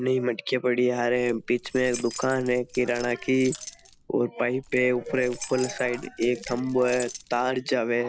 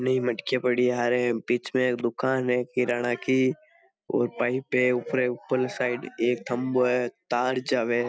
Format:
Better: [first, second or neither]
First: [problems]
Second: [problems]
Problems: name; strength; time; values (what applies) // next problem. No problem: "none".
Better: second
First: background sound (Keys jangling); 16 dB below the speech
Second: none